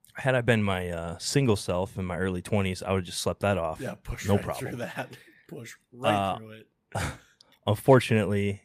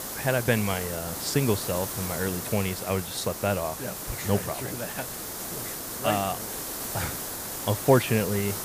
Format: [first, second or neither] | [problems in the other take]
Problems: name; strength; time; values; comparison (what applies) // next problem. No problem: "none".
first | hiss; loud; throughout; 4 dB below the speech